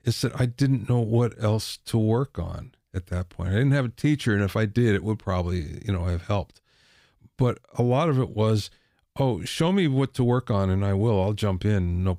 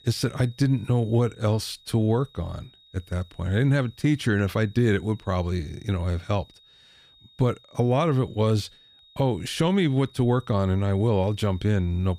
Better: first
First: none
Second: high-pitched whine; faint; throughout; 4 kHz, 30 dB below the speech

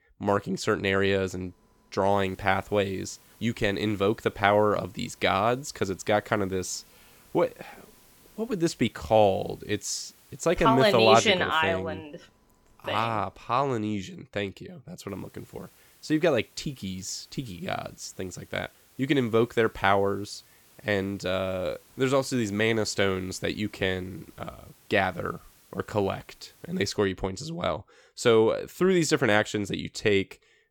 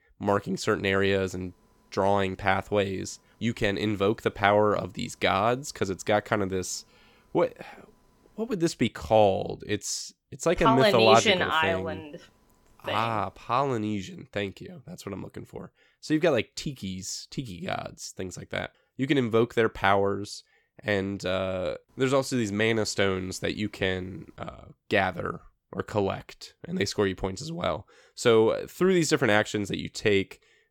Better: second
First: hiss; faint; from 2 to 11 s and from 15 to 27 s; 30 dB below the speech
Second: none

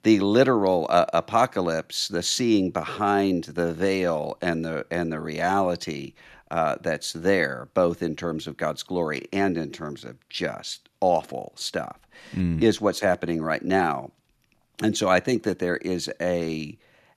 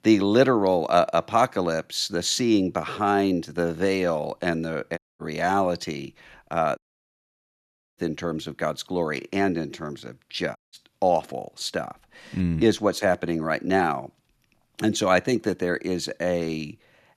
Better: first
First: none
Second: audio cutting out; at 5 s, at 7 s for 1 s and at 11 s

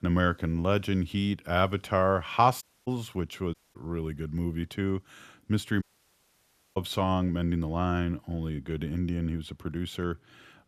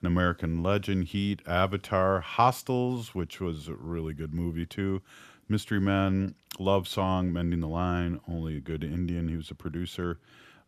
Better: second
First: audio cutting out; at 2.5 s, at 3.5 s and at 6 s for 1 s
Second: none

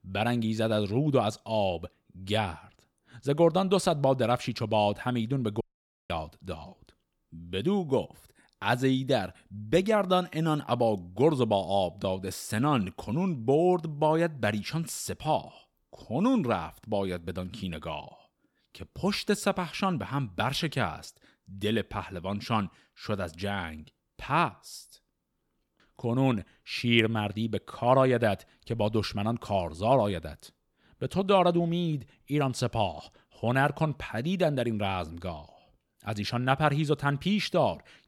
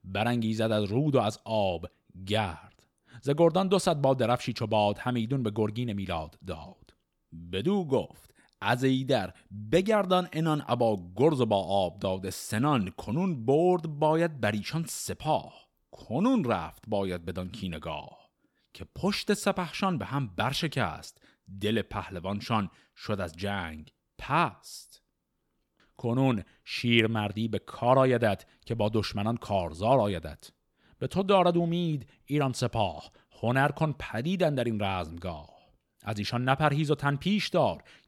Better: second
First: audio cutting out; at 5.5 s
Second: none

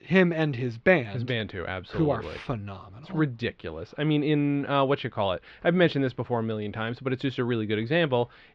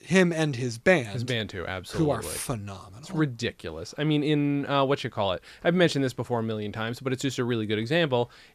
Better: second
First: muffled; slightly; fading above 3.5 kHz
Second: none

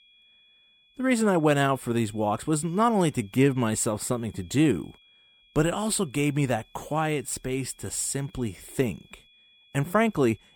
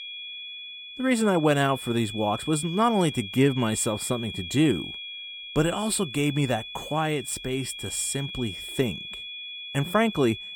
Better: first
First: high-pitched whine; faint; throughout; 3.5 kHz, 30 dB below the speech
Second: high-pitched whine; loud; throughout; 3.5 kHz, 10 dB below the speech

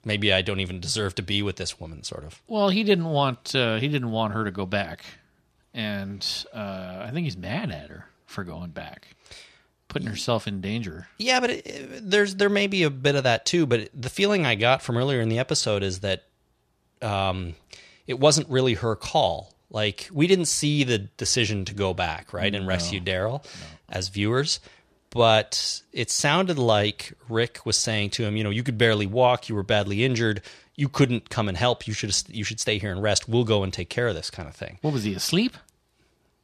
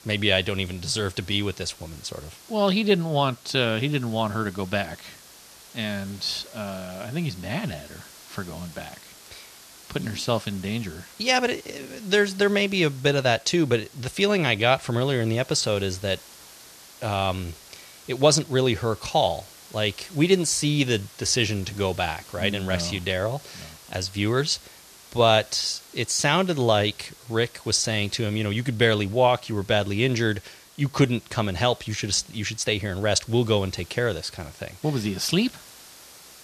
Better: first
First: none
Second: hiss; faint; throughout; 20 dB below the speech

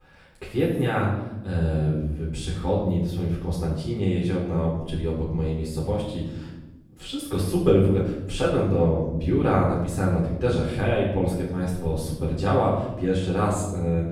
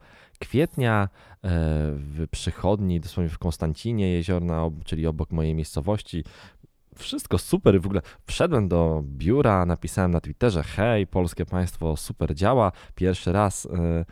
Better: second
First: off-mic speech; far // room echo; noticeable; dies away in 0.9 s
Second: none

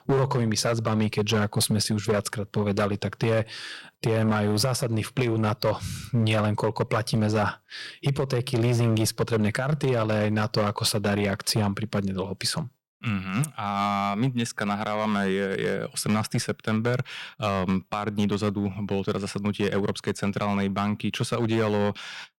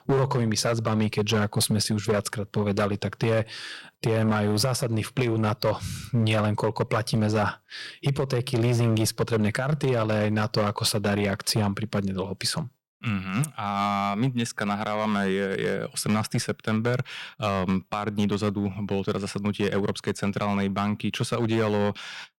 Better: neither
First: distortion; slight; 7% of the sound clipped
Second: distortion; slight; 7% of the sound clipped

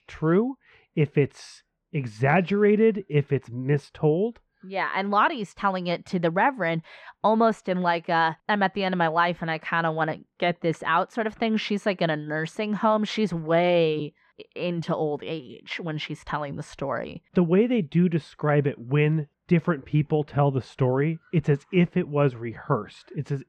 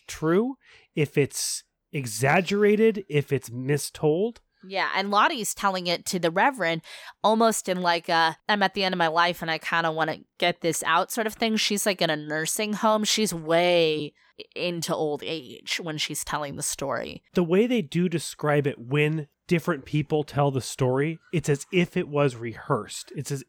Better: second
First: muffled; slightly; fading above 2.5 kHz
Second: none

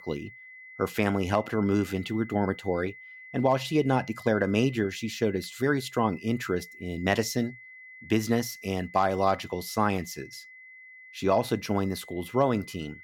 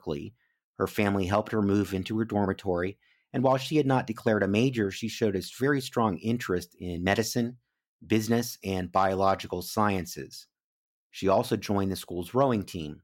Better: second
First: high-pitched whine; noticeable; throughout; 2 kHz, 20 dB below the speech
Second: none

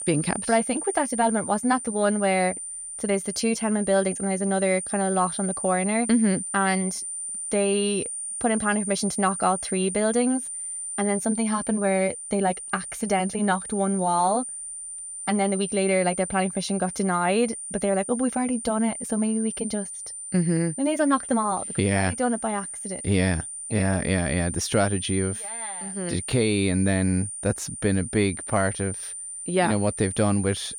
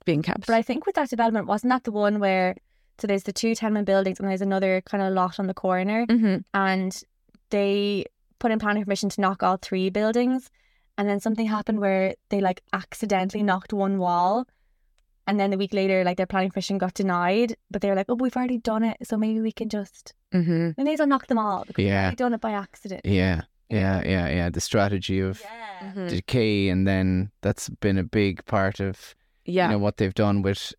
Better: second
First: high-pitched whine; loud; throughout; 9 kHz, 7 dB below the speech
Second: none

